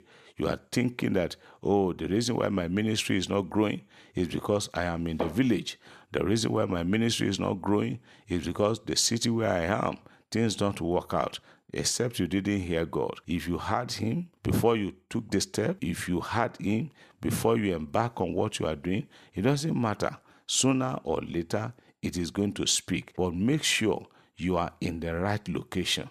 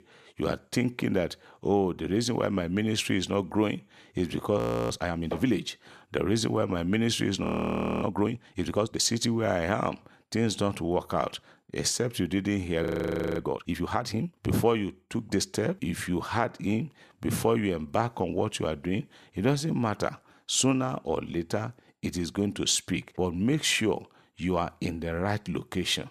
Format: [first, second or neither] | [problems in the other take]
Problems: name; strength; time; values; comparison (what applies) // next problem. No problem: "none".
first | audio freezing; at 4.5 s, at 7.5 s for 0.5 s and at 13 s for 0.5 s